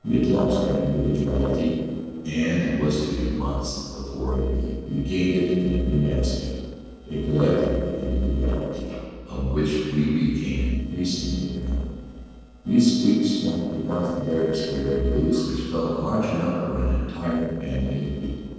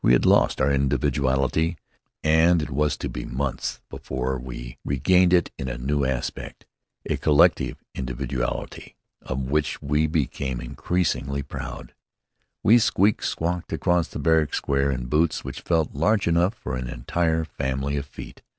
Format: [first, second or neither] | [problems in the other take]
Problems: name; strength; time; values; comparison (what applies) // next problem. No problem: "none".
second | noise reduction (neural separator model SepFormer DNS4)